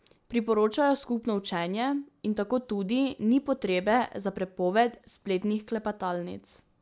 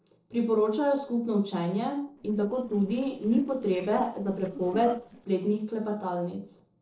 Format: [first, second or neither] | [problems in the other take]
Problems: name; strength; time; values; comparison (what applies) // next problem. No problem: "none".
first | noise reduction (neural separator model SepFormer DNS4)